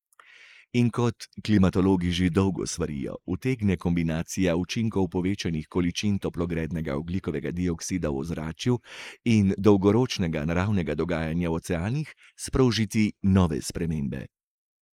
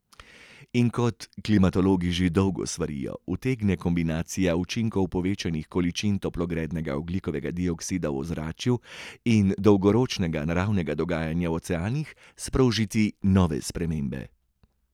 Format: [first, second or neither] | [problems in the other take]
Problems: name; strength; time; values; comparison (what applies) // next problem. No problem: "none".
second | noise reduction (neural mask model Resemble Enhance denoiser)